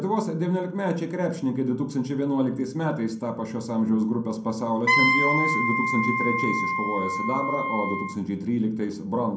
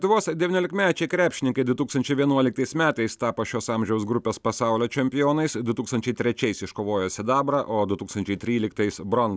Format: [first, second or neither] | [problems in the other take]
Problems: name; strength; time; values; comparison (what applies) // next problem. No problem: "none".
second | background sound (Wind instrument, woodwind instrument); 1 dB above the speech // room echo; dies away in 0.6 s